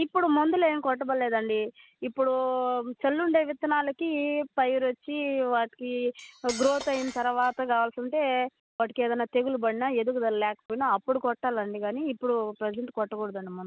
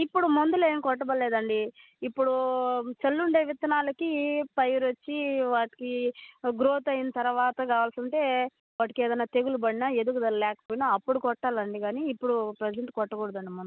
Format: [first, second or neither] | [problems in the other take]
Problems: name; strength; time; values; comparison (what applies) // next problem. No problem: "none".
second | background sound (Cutlery, silverware); 15 dB below the speech